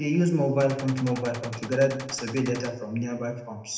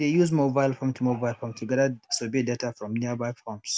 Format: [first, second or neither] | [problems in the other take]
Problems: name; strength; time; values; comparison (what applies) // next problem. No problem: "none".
second | background sound (Gunshot, gunfire); 14 dB below the speech // room echo; dies away in 0.7 s